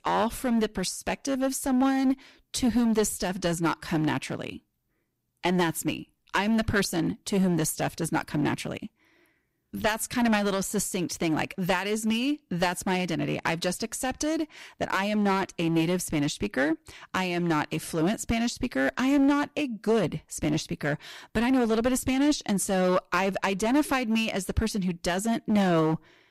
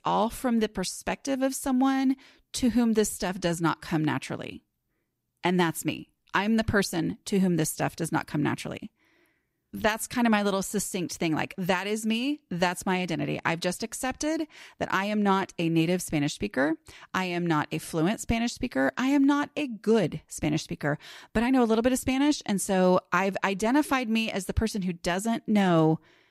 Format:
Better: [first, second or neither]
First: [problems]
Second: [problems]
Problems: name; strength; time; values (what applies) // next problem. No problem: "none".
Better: second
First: distortion; slight; 7% of the sound clipped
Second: none